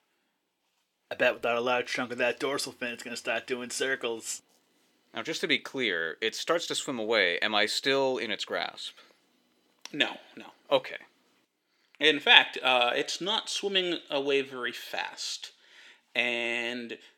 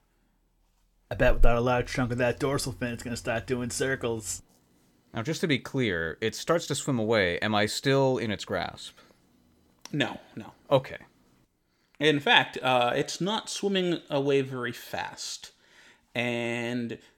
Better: second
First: thin; somewhat; fading below 350 Hz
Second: none

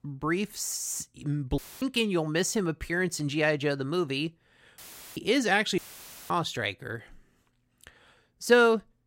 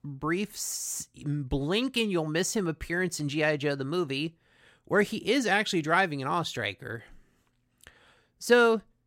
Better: second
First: audio cutting out; filled with static; at 1.5 s, at 5 s and at 6 s for 0.5 s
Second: none

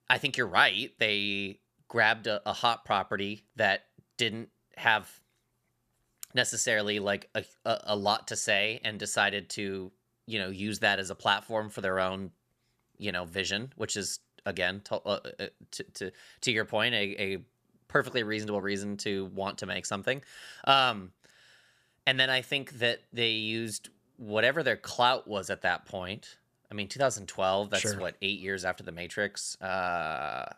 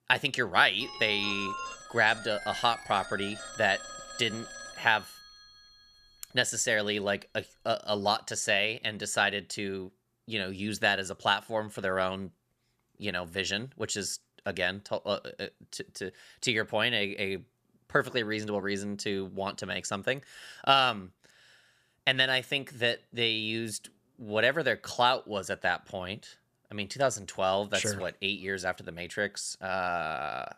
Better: first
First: none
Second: phone ringing; noticeable; from 1 to 5.5 s; peak 7 dB below the speech

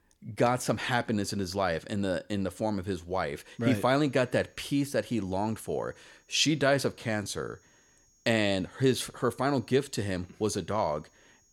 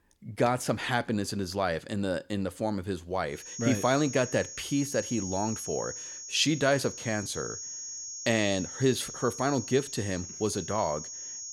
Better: first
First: high-pitched whine; faint; from 3.5 s on; 6.5 kHz, 35 dB below the speech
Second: high-pitched whine; loud; from 3.5 s on; 6.5 kHz, 8 dB below the speech

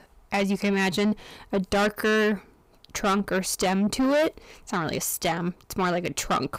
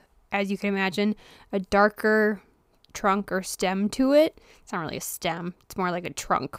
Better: second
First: distortion; heavy; 6 dB below the speech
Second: none

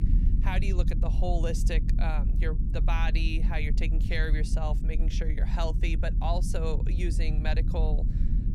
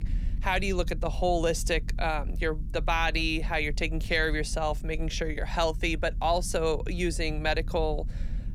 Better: second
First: low rumble; loud; throughout; 9 dB below the speech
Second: low rumble; faint; throughout; 25 dB below the speech

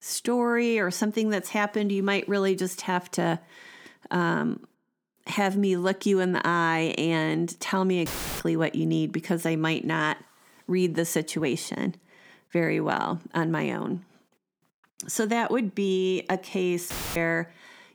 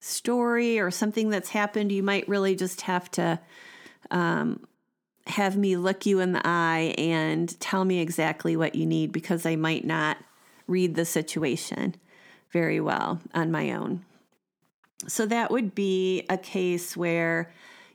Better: second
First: audio cutting out; filled with static; at 8 s and at 17 s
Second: none

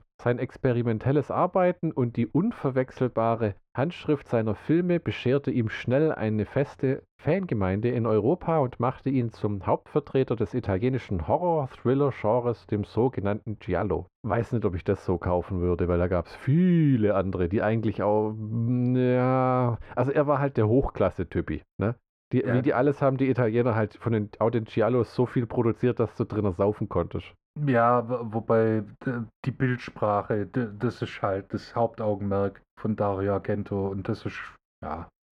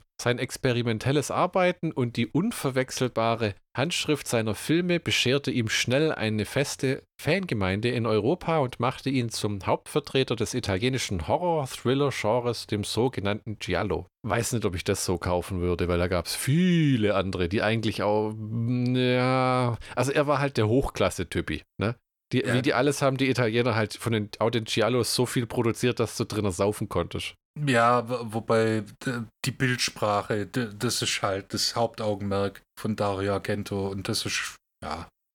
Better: second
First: muffled; very; fading above 3.5 kHz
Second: none

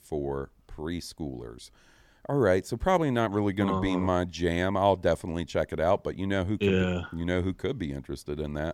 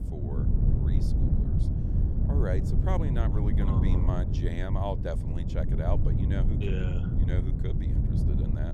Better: first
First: none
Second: wind noise on the microphone; heavy; 2 dB below the speech

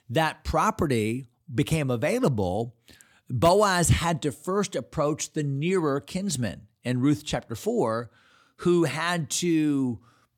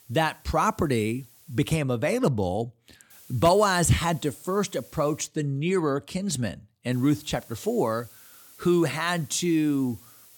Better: first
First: none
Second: hiss; faint; until 1.5 s, from 3 to 5.5 s and from 7 s on; 25 dB below the speech

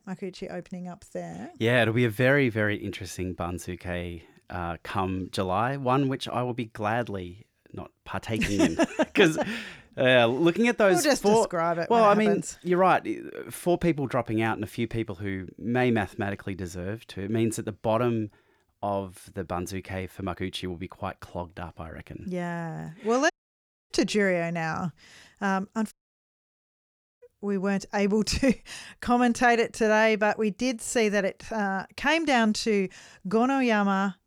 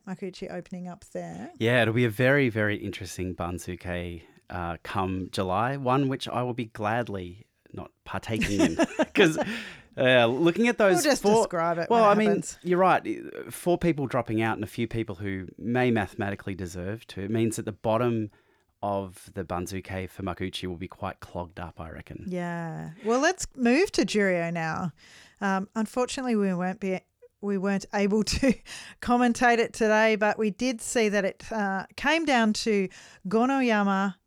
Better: second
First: audio cutting out; at 23 s for 0.5 s and at 26 s for 1.5 s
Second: none

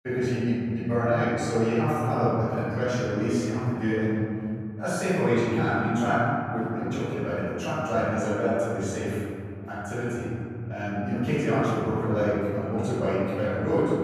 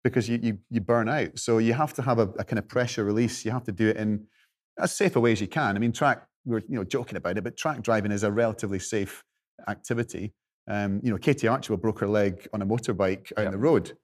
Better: second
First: off-mic speech; far // room echo; strong; dies away in 2.9 s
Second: none

